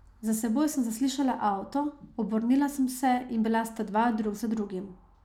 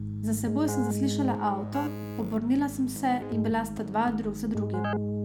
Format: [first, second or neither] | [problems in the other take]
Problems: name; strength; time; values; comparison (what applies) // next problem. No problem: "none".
first | background sound (Keyboard (musical)); 4 dB below the speech